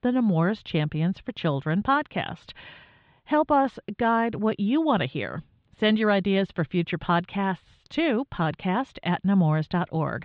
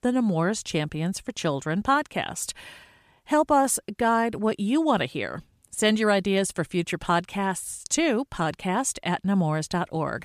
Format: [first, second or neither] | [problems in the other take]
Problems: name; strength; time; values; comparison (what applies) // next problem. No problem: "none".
second | muffled; very; fading above 3.5 kHz